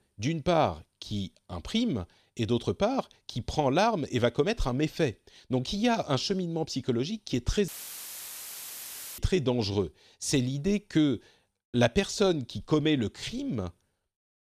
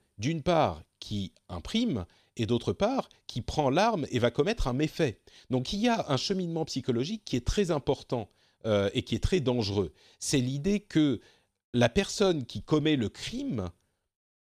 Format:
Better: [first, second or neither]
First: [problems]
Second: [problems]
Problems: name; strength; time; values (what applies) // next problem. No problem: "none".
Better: second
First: audio cutting out; filled with static; at 7.5 s for 1.5 s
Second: none